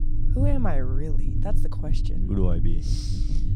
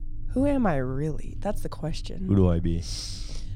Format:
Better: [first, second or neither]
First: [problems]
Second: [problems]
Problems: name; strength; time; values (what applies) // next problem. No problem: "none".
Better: second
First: low rumble; loud; throughout; 7 dB below the speech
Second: low rumble; faint; throughout; 25 dB below the speech